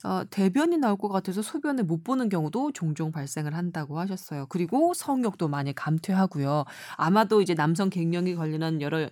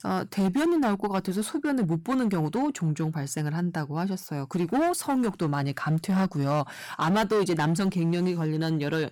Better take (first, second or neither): first